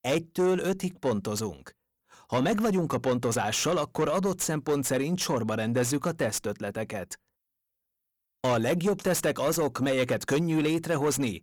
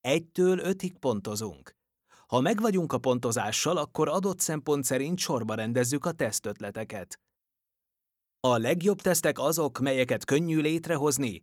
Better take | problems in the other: second | distortion; slight; 10 dB below the speech

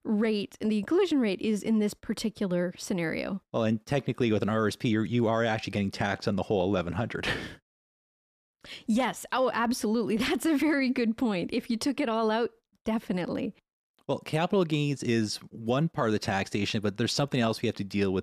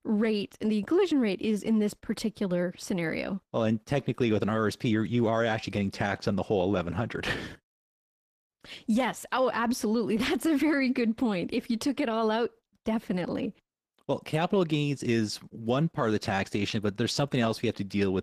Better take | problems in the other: first | garbled, watery; slightly; nothing above 14.5 kHz

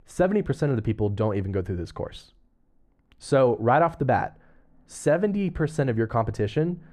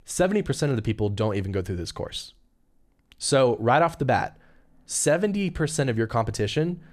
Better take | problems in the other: second | muffled; slightly; fading above 2.5 kHz

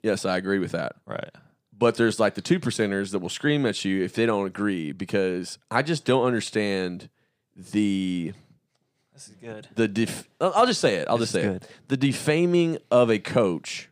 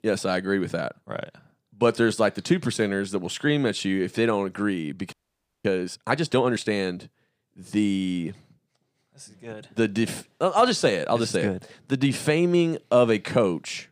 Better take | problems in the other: first | audio freezing; at 5 s for 0.5 s

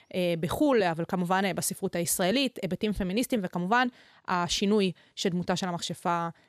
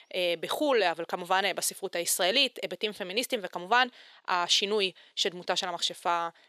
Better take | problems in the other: first | thin; somewhat; fading below 450 Hz

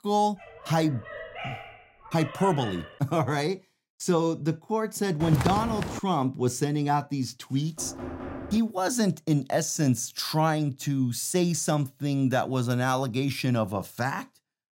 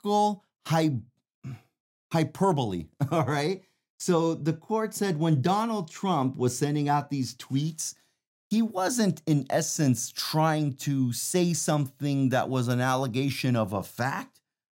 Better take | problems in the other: second | dog barking; noticeable; until 3 s; peak 10 dB below the speech // footsteps; noticeable; at 5 s; peak 2 dB below the speech // door banging; noticeable; at 8 s; peak 9 dB below the speech

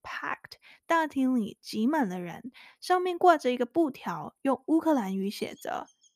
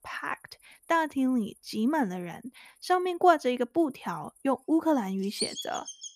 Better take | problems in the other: first | animal sounds; loud; throughout; 7 dB below the speech; faint in the first

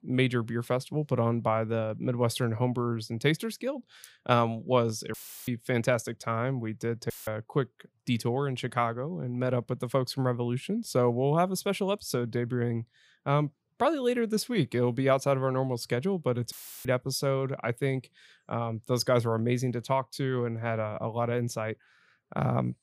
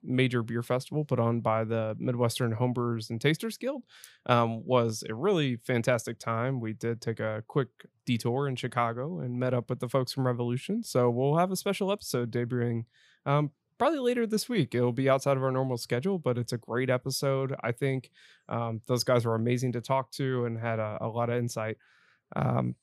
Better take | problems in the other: second | audio cutting out; filled with static; at 5 s, at 7 s and at 17 s

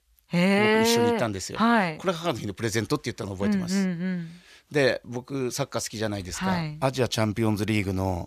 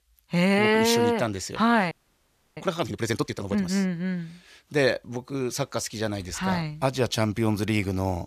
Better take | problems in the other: first | audio freezing; at 2 s for 0.5 s

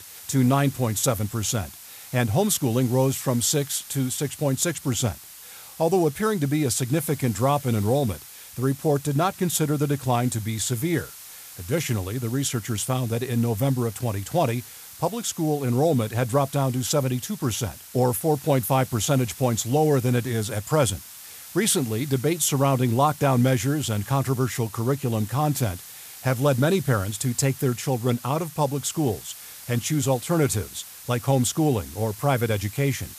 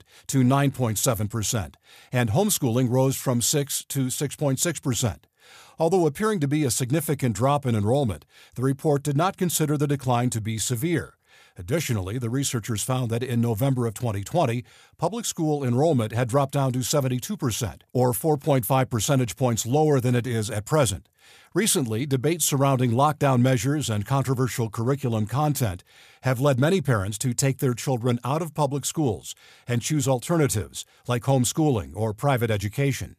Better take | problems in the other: second | hiss; noticeable; throughout; 15 dB below the speech

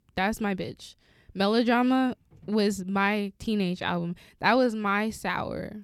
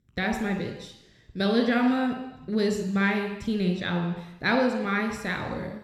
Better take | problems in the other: first | room echo; noticeable; dies away in 1 s

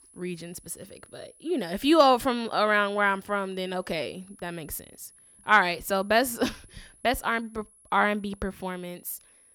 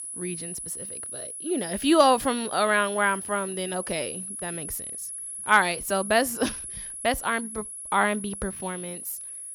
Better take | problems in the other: first | high-pitched whine; loud; throughout; 11 kHz, 8 dB below the speech; faint in the first

